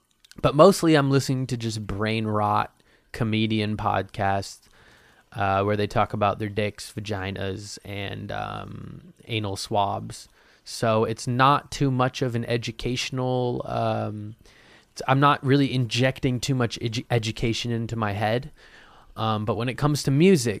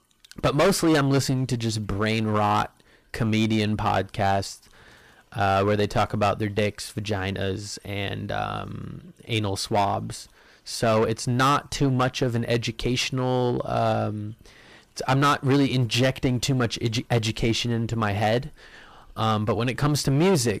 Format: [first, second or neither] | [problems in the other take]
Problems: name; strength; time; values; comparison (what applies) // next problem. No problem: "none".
first | distortion; heavy; 8% of the sound clipped